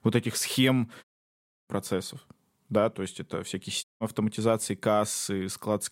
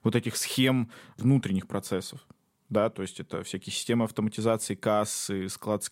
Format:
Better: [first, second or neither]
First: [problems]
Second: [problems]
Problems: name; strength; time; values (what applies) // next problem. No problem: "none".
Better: second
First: audio cutting out; at 1 s for 0.5 s and at 4 s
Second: none